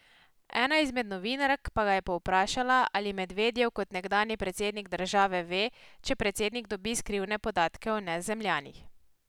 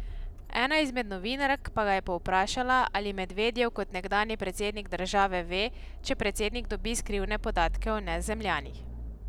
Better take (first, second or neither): first